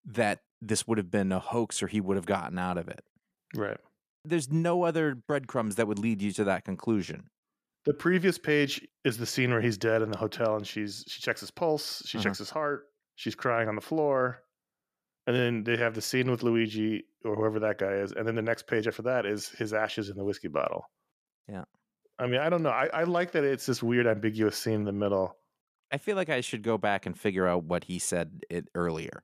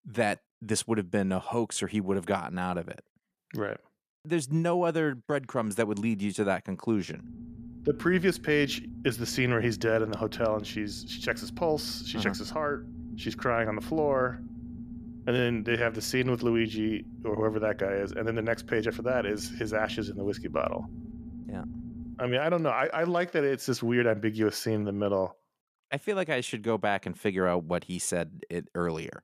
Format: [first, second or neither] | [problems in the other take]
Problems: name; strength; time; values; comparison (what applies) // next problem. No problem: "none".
first | low rumble; noticeable; from 7 to 22 s; 20 dB below the speech